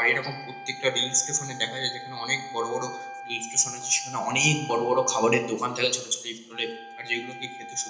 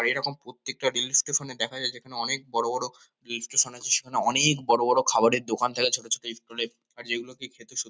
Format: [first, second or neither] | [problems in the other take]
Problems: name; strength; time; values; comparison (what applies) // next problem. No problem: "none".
second | background sound (Wind instrument, woodwind instrument); 13 dB below the speech // room echo; dies away in 1 s